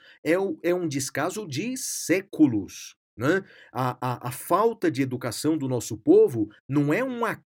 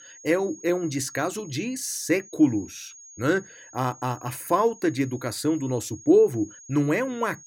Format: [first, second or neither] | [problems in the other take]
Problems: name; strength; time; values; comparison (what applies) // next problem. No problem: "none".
first | high-pitched whine; noticeable; throughout; 6.5 kHz, 20 dB below the speech